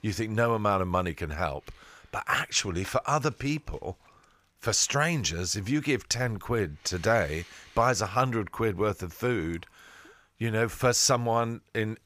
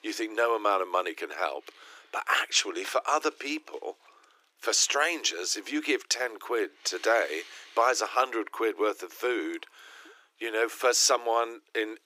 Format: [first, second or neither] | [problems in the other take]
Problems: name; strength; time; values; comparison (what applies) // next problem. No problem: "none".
first | thin; very; fading below 300 Hz